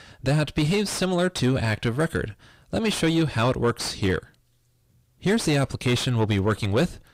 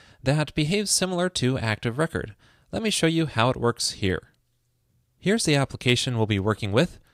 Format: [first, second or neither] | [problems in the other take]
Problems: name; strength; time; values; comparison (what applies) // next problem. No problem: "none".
second | distortion; heavy; 7 dB below the speech